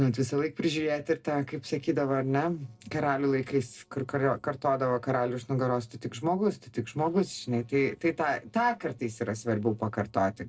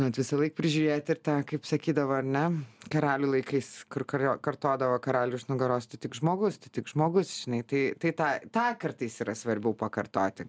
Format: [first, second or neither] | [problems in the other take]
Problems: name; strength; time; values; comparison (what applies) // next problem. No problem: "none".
second | noise reduction (neural separator model SepFormer DNS4)